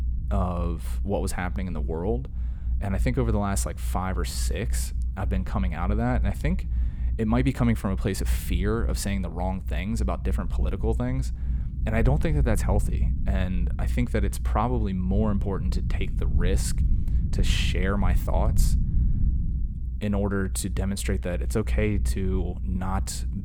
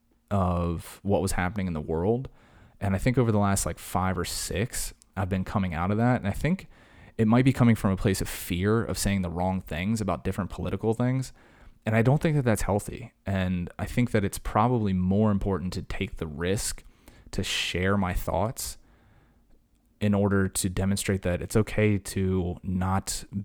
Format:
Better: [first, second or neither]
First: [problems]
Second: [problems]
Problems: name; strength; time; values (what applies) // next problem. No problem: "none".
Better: second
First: low rumble; noticeable; throughout; 15 dB below the speech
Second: none